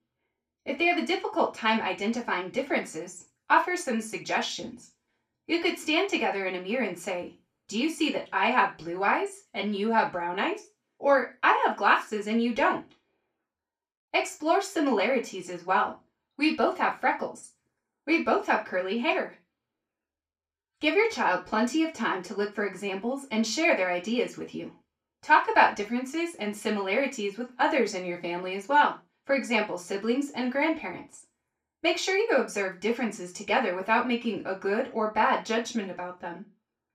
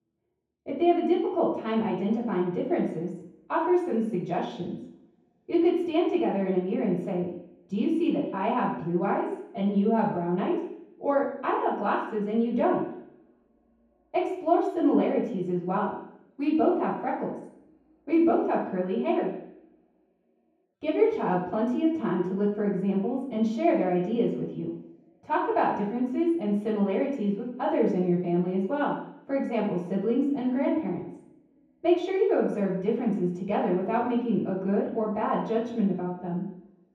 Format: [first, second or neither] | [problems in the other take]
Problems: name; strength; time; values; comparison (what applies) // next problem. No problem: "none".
first | room echo; strong; dies away in 0.9 s; slight in the first // off-mic speech; far; far in the first